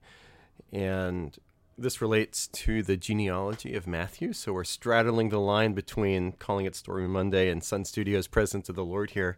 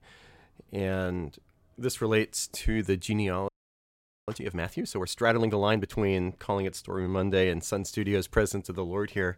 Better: first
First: none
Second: audio freezing; at 3.5 s for 1 s

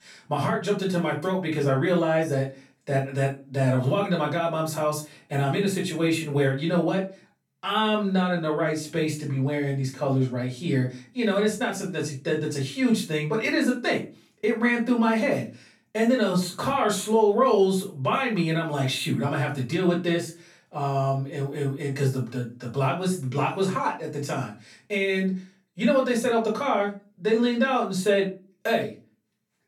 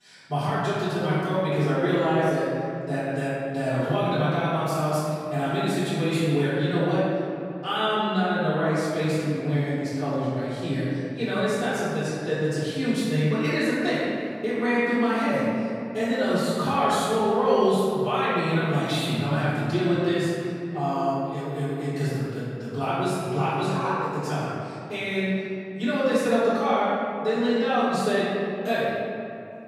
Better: first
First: room echo; slight; dies away in 0.3 s // off-mic speech; far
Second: room echo; strong; dies away in 2.6 s // off-mic speech; far

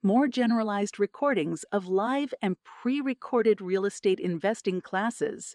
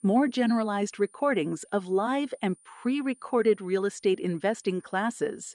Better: first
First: none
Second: high-pitched whine; faint; throughout; 9.5 kHz, 30 dB below the speech

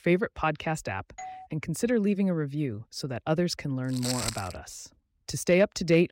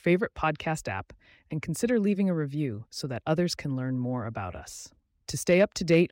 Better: second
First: doorbell; faint; at 1 s; peak 15 dB below the speech // footsteps; noticeable; at 4 s; peak 2 dB below the speech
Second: none

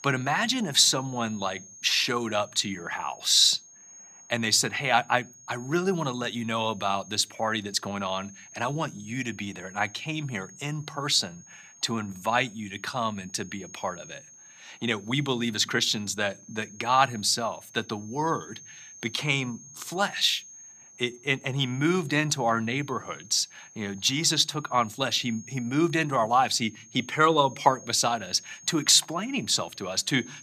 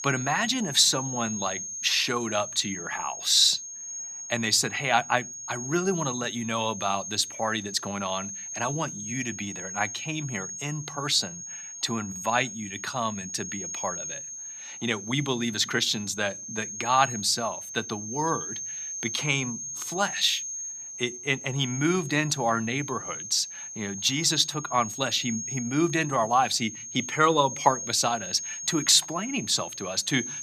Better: first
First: high-pitched whine; faint; throughout; 6.5 kHz, 20 dB below the speech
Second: high-pitched whine; loud; throughout; 6.5 kHz, 8 dB below the speech

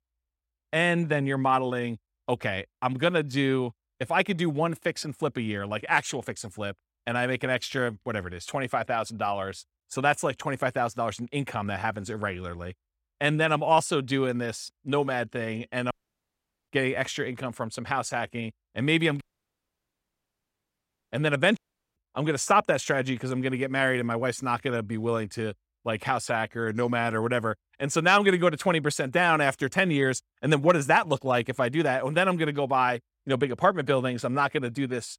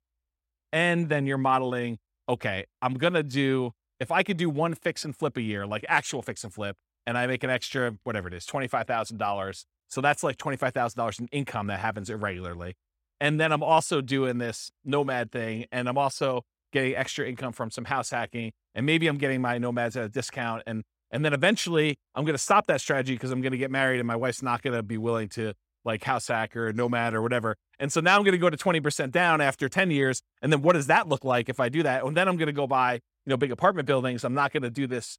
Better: second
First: audio cutting out; at 16 s for 1 s, at 19 s for 2 s and at 22 s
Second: none

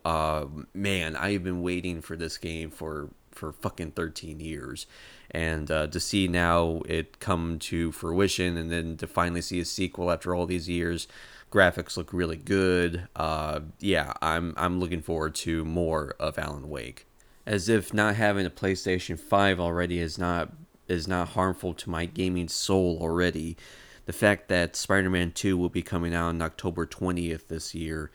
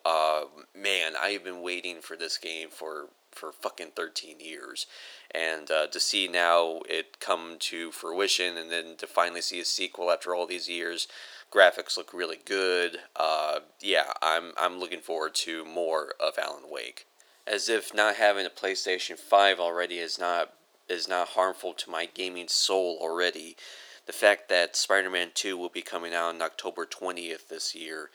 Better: first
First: none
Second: thin; very; fading below 400 Hz

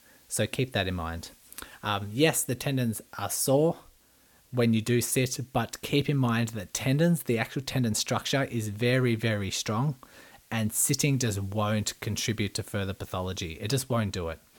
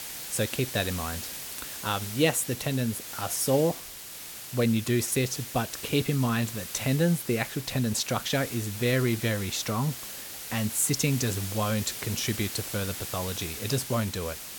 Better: first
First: hiss; faint; throughout; 30 dB below the speech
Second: hiss; loud; throughout; 8 dB below the speech

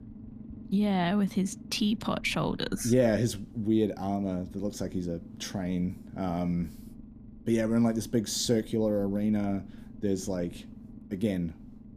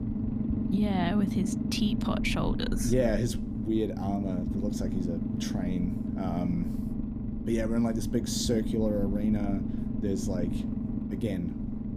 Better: first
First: low rumble; faint; throughout; 20 dB below the speech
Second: low rumble; loud; throughout; 4 dB below the speech

